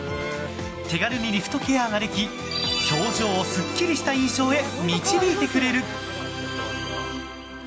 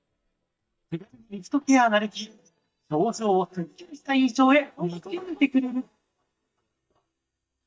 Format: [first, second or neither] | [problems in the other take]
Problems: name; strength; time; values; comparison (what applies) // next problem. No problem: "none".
first | noise reduction (neural mask model DeepFilterNet 3)